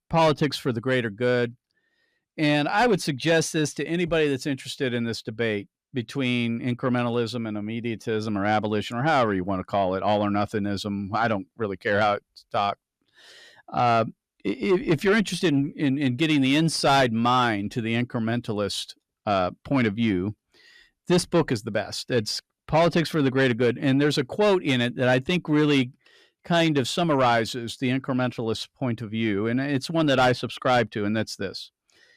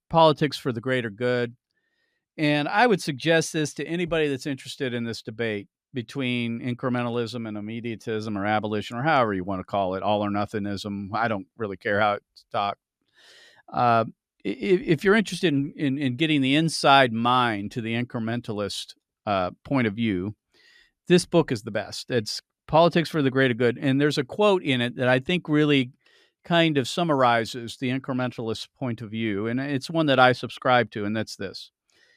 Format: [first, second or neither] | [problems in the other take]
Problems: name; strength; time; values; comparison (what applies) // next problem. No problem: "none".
second | distortion; slight; 10 dB below the speech